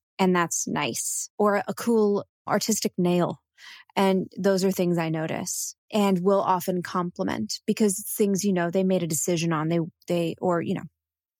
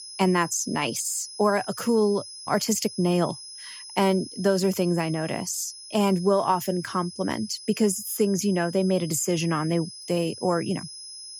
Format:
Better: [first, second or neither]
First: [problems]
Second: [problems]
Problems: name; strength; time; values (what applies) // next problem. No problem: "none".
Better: first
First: none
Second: high-pitched whine; noticeable; throughout; 5 kHz, 15 dB below the speech